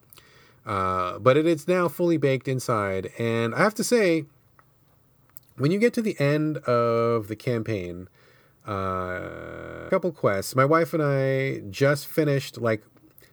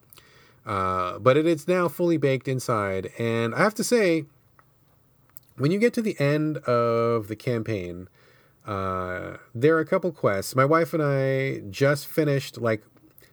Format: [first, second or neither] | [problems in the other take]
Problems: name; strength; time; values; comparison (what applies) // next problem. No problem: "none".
second | audio freezing; at 9.5 s for 0.5 s